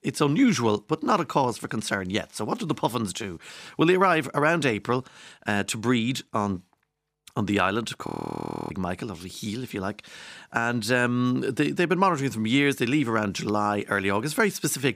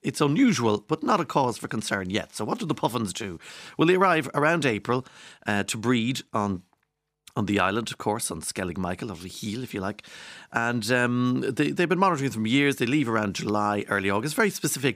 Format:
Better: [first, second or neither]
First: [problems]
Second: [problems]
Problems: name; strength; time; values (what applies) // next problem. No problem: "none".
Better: second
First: audio freezing; at 8 s for 0.5 s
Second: none